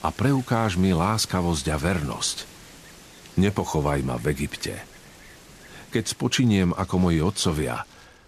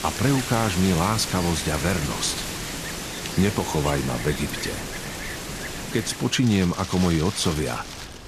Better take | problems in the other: first | wind in the background; loud; throughout; 6 dB below the speech; faint in the first

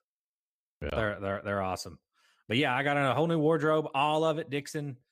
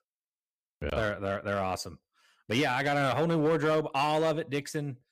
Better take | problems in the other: first | distortion; slight; 5% of the sound clipped

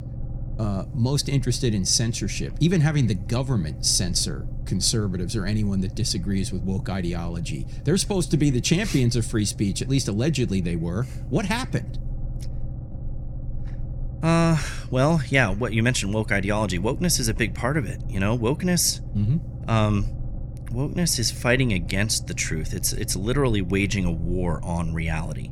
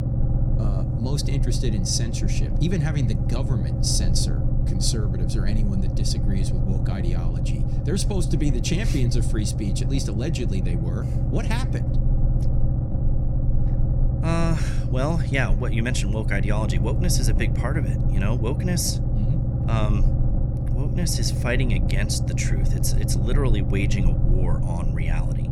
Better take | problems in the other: first | low rumble; loud; throughout; 5 dB below the speech; faint in the first

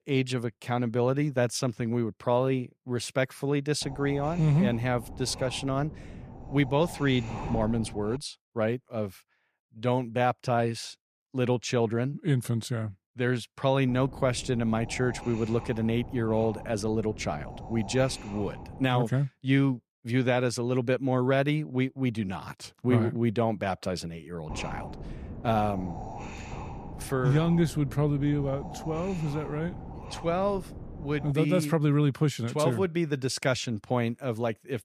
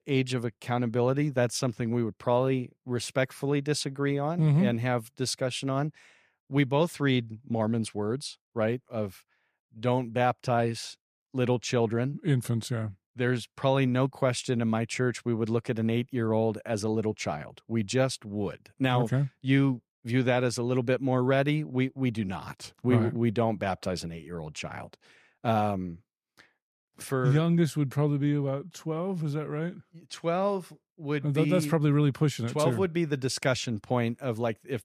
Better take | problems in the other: second | wind noise on the microphone; occasional gusts; from 4 to 8 s, from 14 to 19 s and from 24 to 31 s; 15 dB below the speech

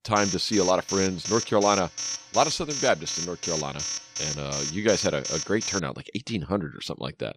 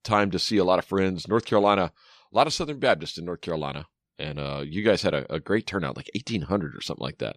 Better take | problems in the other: second | alarm; noticeable; until 6 s; peak 3 dB below the speech

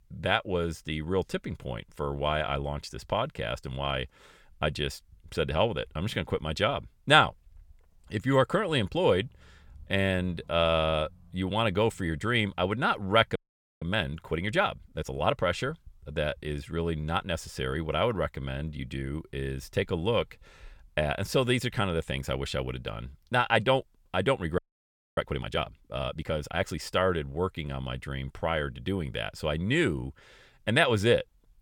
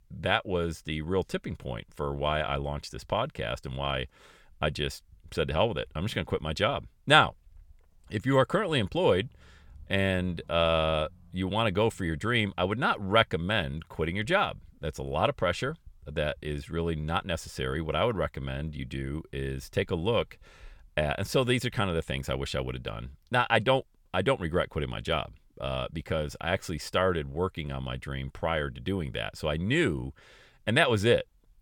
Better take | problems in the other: second | audio freezing; at 13 s and at 25 s for 0.5 s

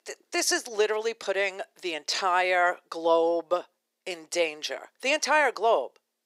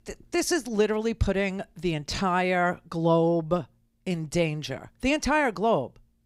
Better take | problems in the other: second | thin; very; fading below 400 Hz

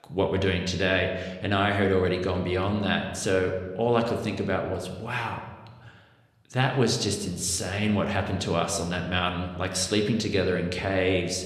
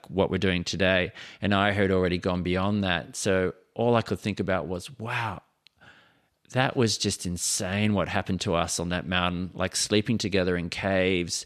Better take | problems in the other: second | room echo; slight; dies away in 1 s

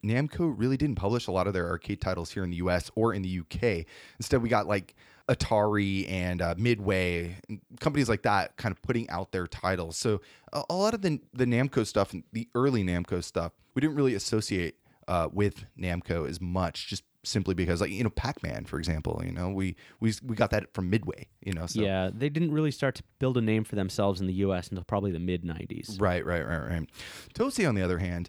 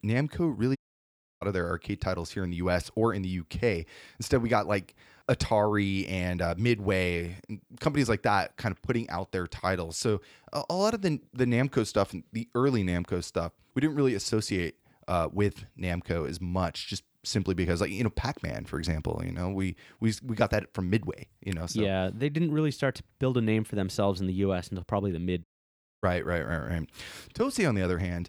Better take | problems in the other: first | audio cutting out; at 1 s for 0.5 s and at 25 s for 0.5 s

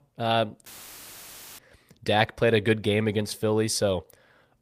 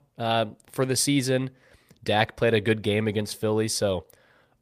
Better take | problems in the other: second | audio cutting out; filled with static; at 0.5 s for 1 s

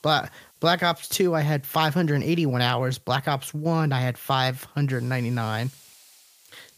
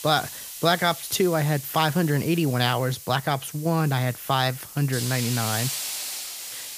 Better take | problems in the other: first | hiss; loud; throughout; 8 dB below the speech; faint in the first

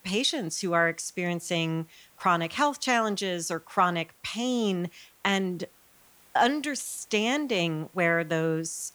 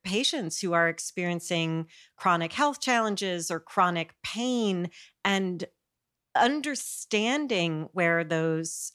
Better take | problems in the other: second | hiss; faint; throughout; 30 dB below the speech

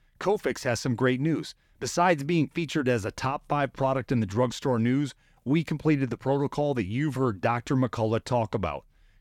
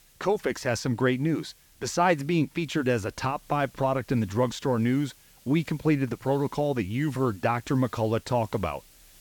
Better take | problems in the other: first | hiss; faint; throughout; 25 dB below the speech

